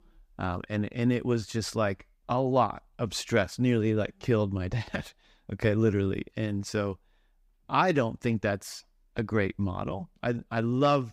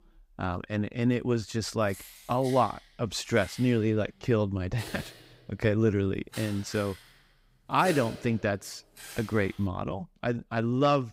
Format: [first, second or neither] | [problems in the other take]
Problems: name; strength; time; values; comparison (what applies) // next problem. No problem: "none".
first | jangling keys; noticeable; from 2 to 9.5 s; peak 8 dB below the speech